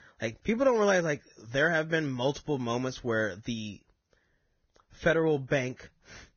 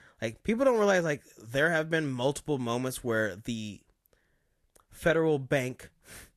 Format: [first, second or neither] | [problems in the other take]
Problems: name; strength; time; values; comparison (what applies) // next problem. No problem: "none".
second | garbled, watery; badly; nothing above 6.5 kHz; slightly in the second